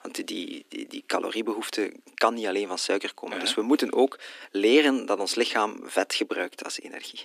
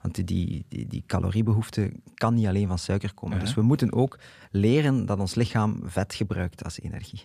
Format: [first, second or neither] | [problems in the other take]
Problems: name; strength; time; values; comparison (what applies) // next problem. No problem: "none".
second | thin; somewhat; fading below 300 Hz